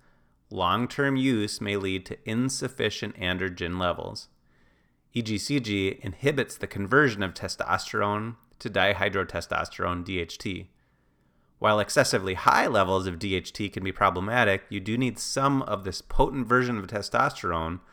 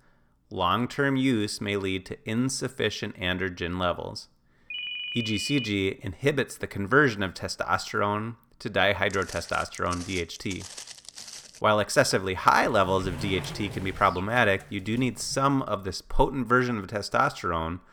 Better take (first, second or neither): first